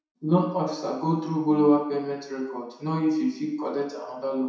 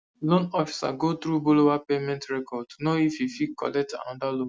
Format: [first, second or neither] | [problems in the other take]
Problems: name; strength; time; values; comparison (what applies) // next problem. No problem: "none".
second | room echo; dies away in 0.7 s